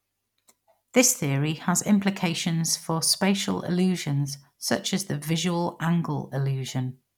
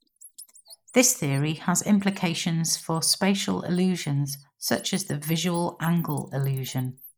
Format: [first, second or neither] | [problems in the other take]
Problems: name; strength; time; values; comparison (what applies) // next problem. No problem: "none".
first | noise reduction (neural mask model Resemble Enhance denoiser)